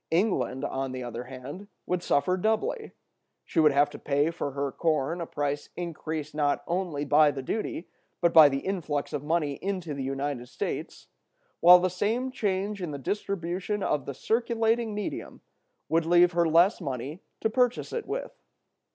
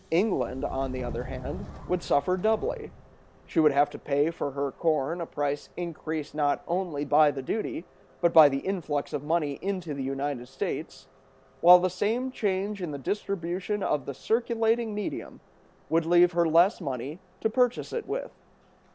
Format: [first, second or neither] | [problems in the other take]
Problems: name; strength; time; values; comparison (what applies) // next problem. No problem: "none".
first | background sound (Subway, metro, underground); 20 dB below the speech